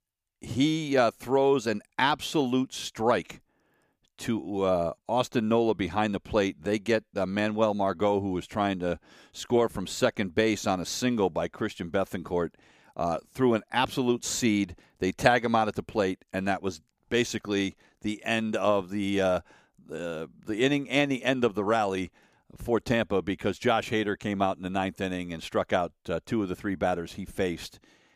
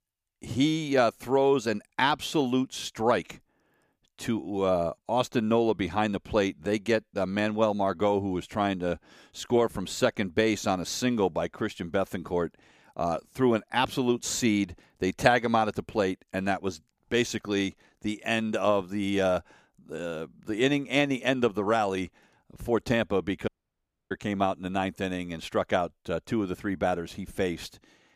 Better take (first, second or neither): first